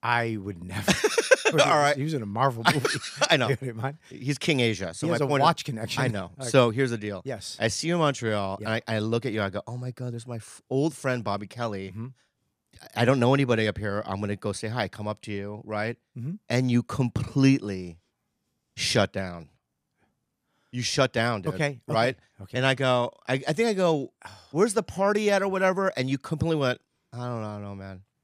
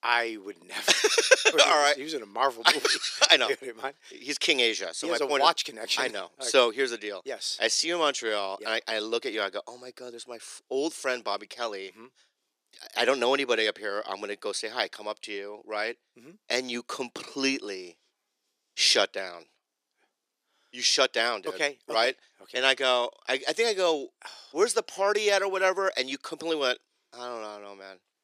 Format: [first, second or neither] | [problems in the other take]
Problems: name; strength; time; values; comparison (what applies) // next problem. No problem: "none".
first | thin; somewhat; fading below 350 Hz